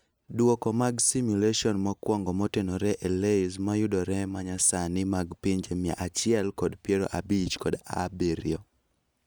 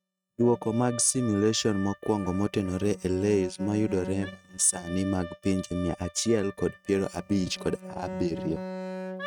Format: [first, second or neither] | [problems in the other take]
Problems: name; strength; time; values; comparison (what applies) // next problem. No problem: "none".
first | noise reduction (neural mask model RNNoise)